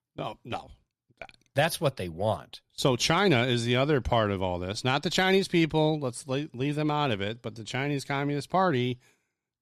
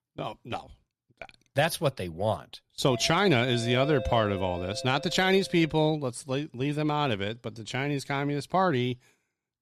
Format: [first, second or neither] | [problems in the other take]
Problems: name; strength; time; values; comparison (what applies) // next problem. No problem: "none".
first | doorbell; noticeable; from 3 to 6 s; peak 8 dB below the speech